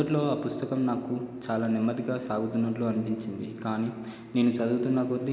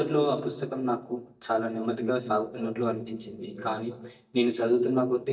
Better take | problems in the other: first | noise reduction (neural mask model DeepFilterNet 3)

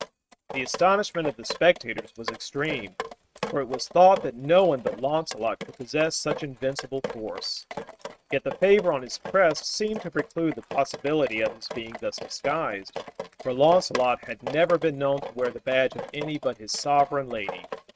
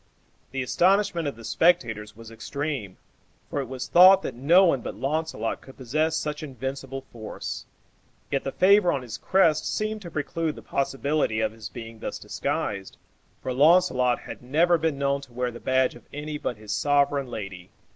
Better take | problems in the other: second | noise reduction (neural mask model RNNoise)

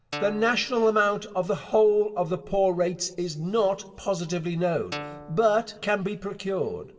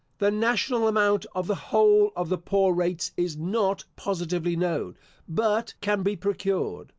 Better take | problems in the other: second | background sound (Guitar); 14 dB below the speech // room echo; dies away in 1.1 s

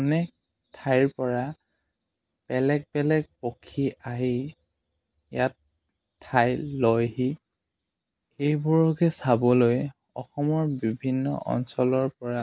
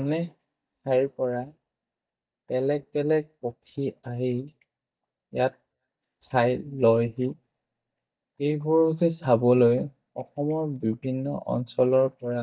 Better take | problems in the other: first | noise reduction (neural mask model DeepFilterNet 3)

